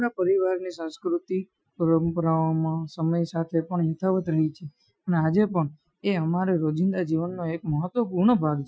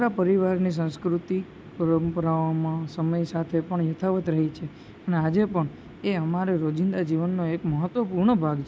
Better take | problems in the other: second | noise reduction (classical method Wiener filter)

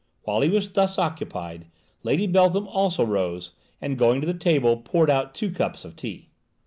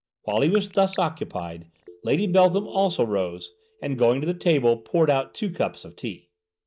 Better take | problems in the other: first | noise reduction (neural mask model DeepFilterNet 3)

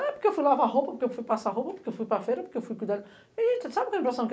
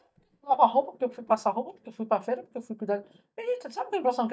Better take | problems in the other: first | noise reduction (neural mask model DeepFilterNet 3)

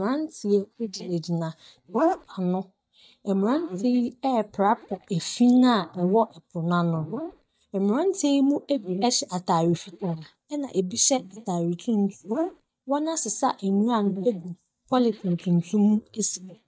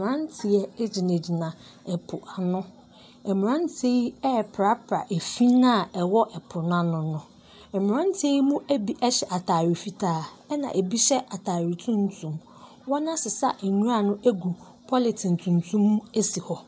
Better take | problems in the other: second | noise reduction (neural mask model DeepFilterNet 3)

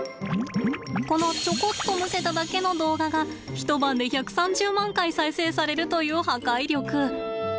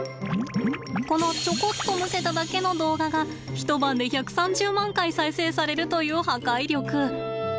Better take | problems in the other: first | background sound (Organ); 17 dB below the speech

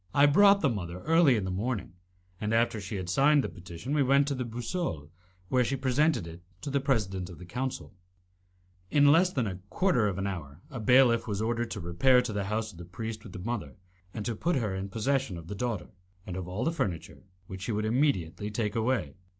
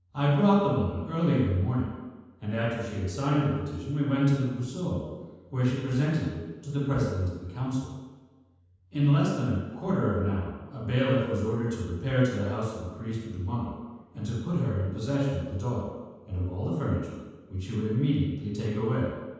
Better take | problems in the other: first | room echo; dies away in 1.2 s

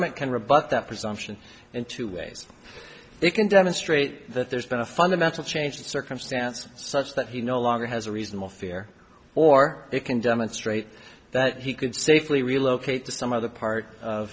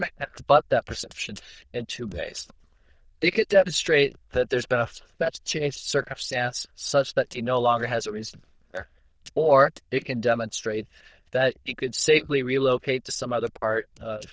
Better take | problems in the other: first | noise reduction (neural diffusion model UNIVERSE++)

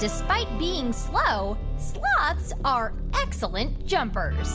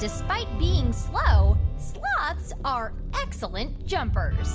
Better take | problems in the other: first | background sound (Thunder); 2 dB above the speech

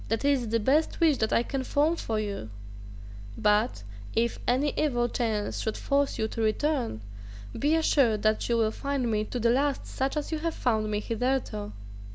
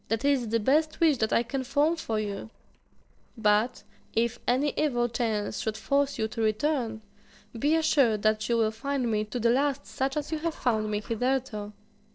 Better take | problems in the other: first | noise reduction (neural separator model SepFormer DNS4)

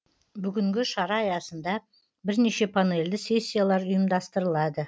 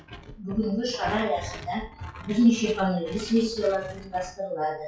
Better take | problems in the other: first | noise reduction (classical method WPE with log-MMSE)

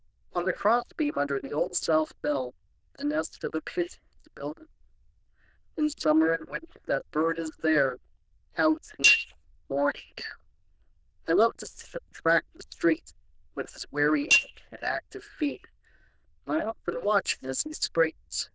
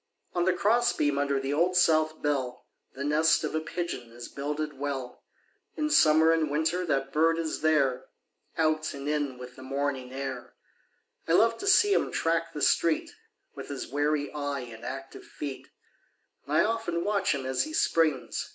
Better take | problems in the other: second | noise reduction (neural diffusion model UNIVERSE++)

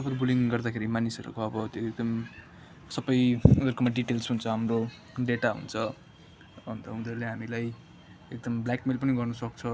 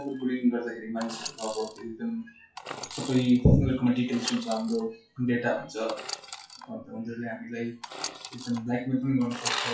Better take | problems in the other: first | noise reduction (classical method WPE with log-MMSE)

